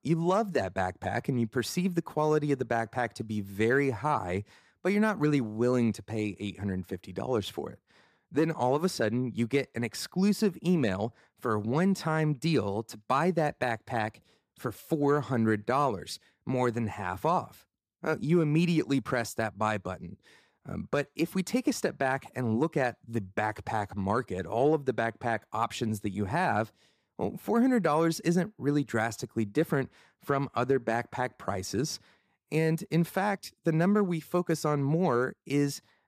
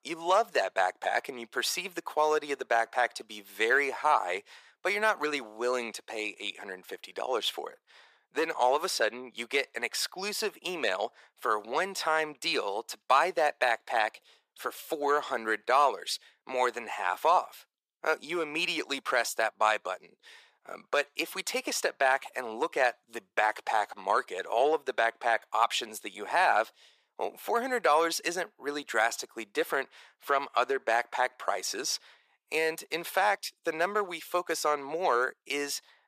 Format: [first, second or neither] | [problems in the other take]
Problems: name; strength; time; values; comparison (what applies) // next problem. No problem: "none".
first | thin; very; fading below 550 Hz